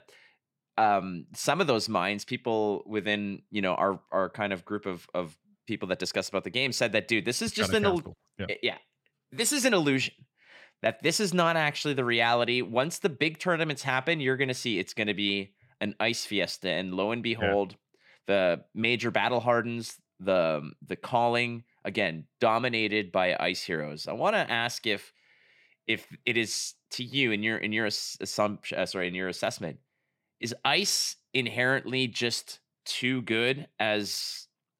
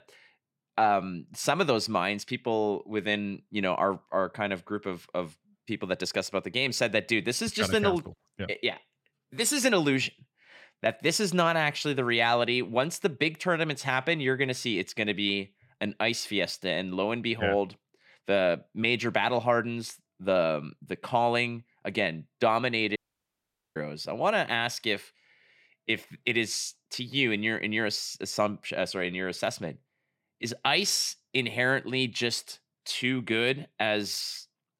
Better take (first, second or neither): first